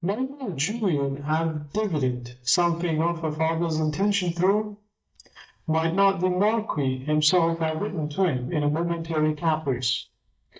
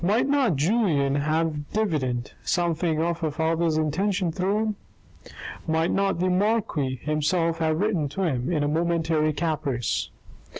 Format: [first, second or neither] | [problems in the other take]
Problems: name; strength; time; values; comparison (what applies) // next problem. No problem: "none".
second | noise reduction (neural mask model DeepFilterNet 3)